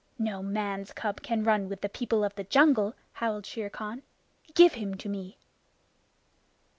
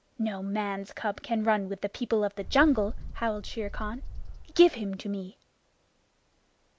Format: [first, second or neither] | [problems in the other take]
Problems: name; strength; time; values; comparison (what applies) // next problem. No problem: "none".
first | background sound (Bird); 11 dB below the speech